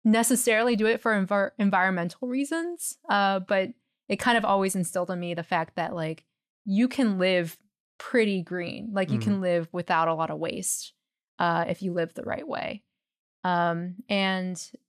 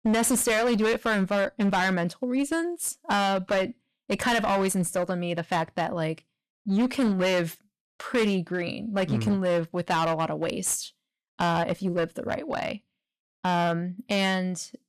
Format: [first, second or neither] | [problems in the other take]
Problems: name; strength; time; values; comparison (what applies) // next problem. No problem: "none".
first | distortion; slight; 11% of the sound clipped